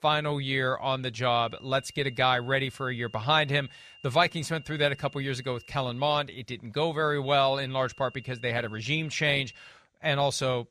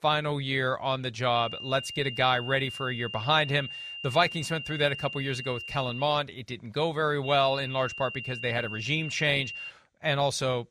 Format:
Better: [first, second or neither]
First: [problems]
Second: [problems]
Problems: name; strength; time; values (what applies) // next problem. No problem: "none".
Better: first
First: high-pitched whine; faint; from 1.5 to 6 s and from 7 to 9.5 s; 3 kHz, 25 dB below the speech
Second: high-pitched whine; loud; from 1.5 to 6 s and from 7 to 9.5 s; 3 kHz, 9 dB below the speech